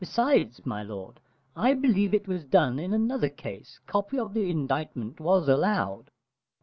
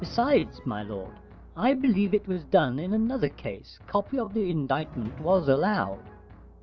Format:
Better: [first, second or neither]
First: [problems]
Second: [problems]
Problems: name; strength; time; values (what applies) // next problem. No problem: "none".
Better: first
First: none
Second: background sound (Drum); 18 dB below the speech